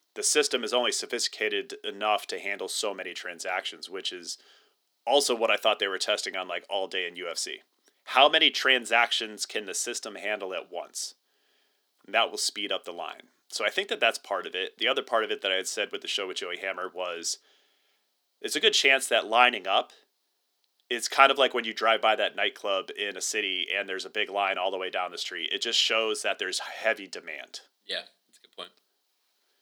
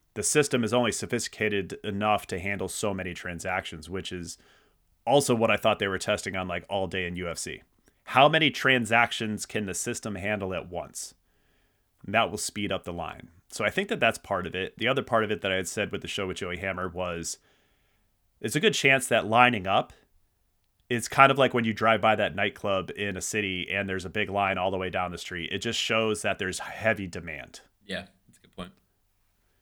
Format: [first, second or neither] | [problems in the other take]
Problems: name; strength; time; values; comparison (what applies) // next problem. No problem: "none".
second | thin; somewhat; fading below 300 Hz